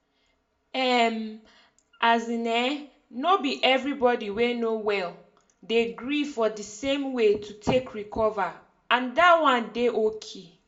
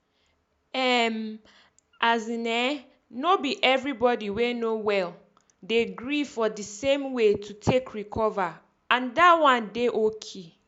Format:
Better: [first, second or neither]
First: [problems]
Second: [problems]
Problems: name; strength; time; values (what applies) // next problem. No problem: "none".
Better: second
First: room echo; dies away in 0.3 s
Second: none